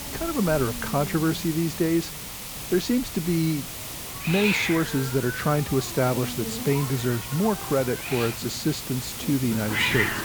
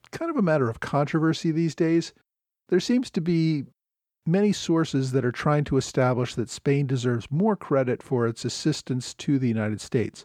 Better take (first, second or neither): second